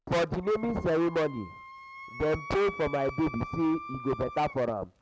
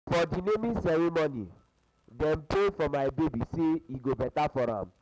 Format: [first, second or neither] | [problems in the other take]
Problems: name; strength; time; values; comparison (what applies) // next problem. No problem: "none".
second | background sound (Wind instrument, woodwind instrument); 14 dB below the speech